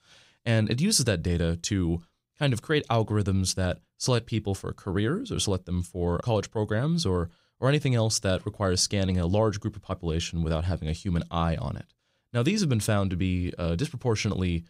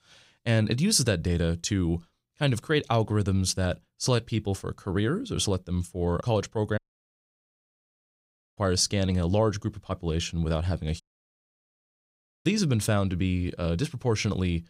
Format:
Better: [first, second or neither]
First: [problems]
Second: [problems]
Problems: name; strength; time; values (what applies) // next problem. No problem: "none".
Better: first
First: none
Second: audio cutting out; at 7 s for 2 s and at 11 s for 1.5 s